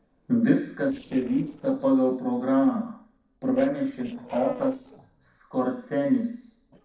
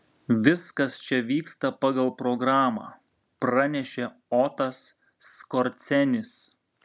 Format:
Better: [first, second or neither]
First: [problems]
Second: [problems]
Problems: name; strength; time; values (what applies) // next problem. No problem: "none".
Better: second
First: noise reduction (neural separator model SepFormer DNS4)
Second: none